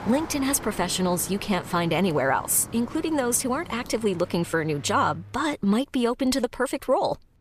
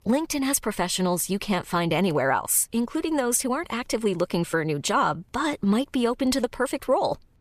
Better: second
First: traffic noise; noticeable; until 5 s; 15 dB below the speech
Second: none

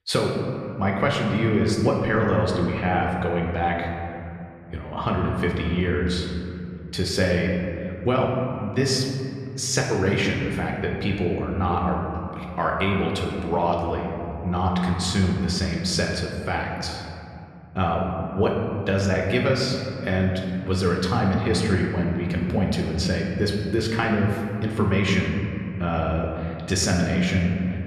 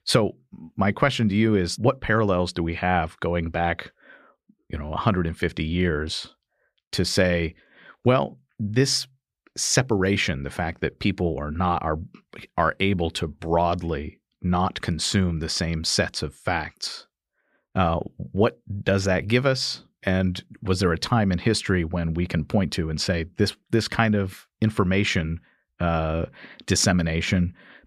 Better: second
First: room echo; noticeable; dies away in 2.7 s // off-mic speech; somewhat distant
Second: none

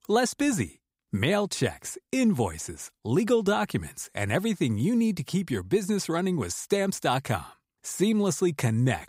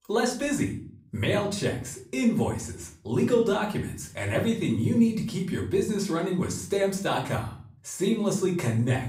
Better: first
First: none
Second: off-mic speech; far // room echo; slight; dies away in 0.4 s

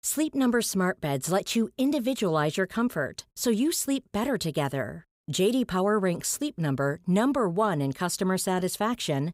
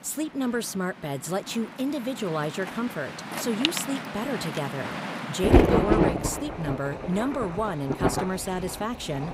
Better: first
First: none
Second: rain or running water; very loud; throughout; 2 dB above the speech

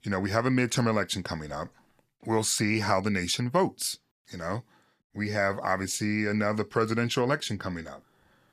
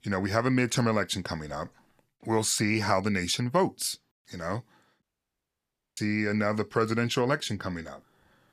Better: first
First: none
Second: audio cutting out; at 5 s for 1 s

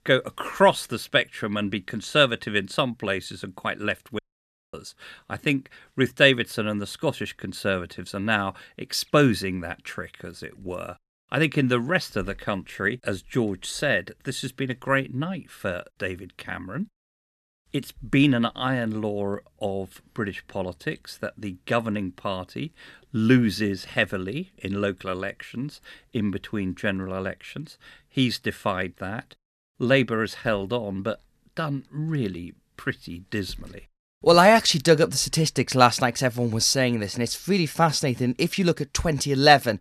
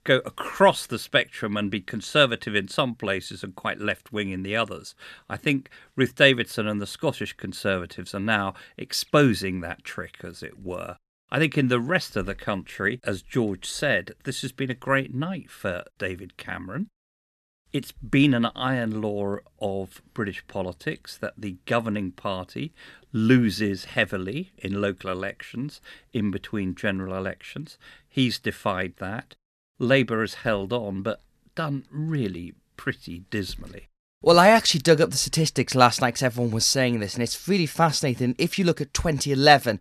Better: second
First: audio cutting out; at 4 s for 0.5 s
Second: none

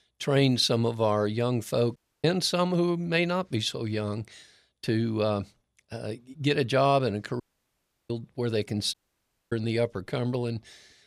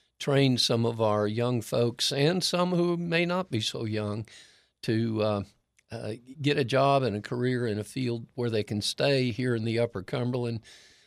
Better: second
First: audio cutting out; at 2 s, at 7.5 s for 0.5 s and at 9 s for 0.5 s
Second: none

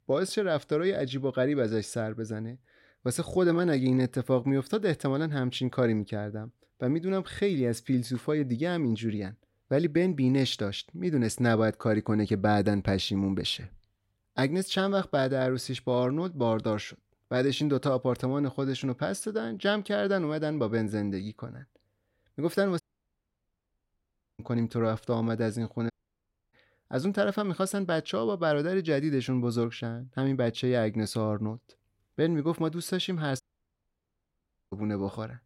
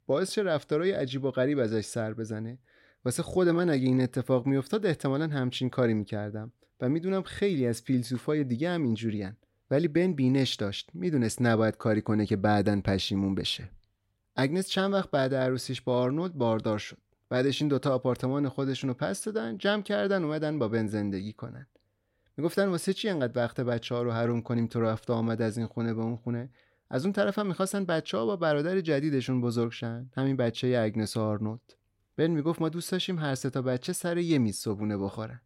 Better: second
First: audio cutting out; at 23 s for 1.5 s, at 26 s for 0.5 s and at 33 s for 1.5 s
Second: none

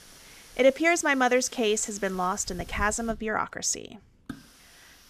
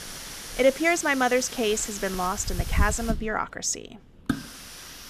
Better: first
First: hiss; faint; throughout; 20 dB below the speech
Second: hiss; loud; throughout; 8 dB below the speech

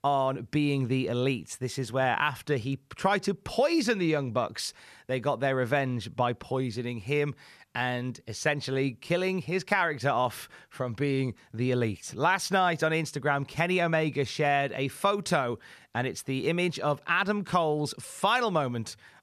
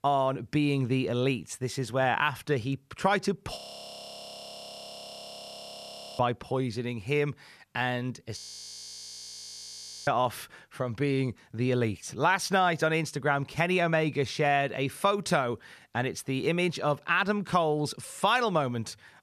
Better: first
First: none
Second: audio freezing; at 3.5 s for 2.5 s and at 8.5 s for 1.5 s

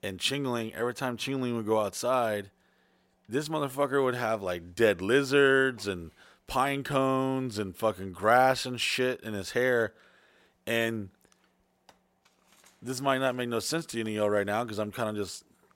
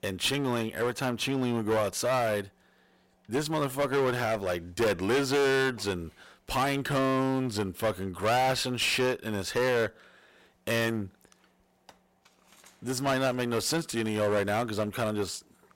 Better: first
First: none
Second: distortion; heavy; 11% of the sound clipped

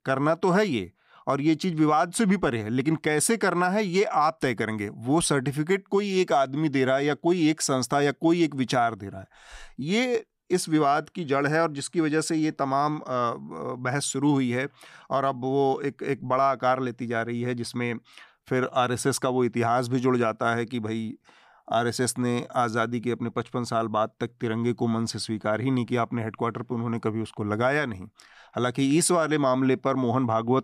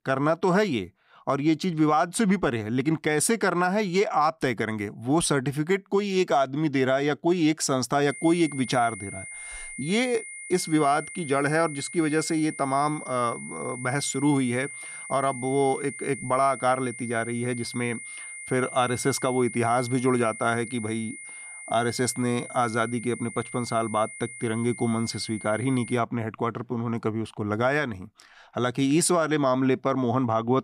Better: first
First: none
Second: high-pitched whine; noticeable; from 8 to 26 s; 2 kHz, 10 dB below the speech

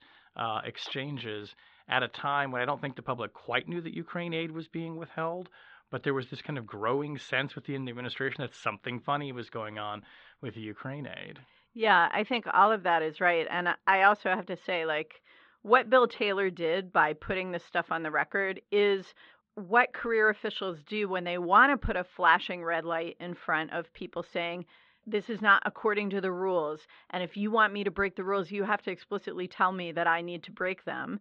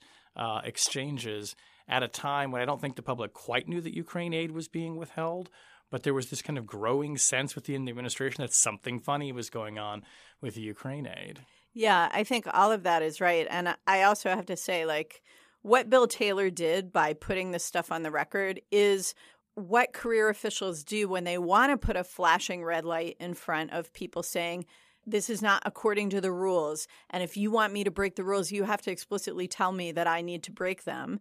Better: second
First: muffled; very; fading above 4 kHz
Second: none

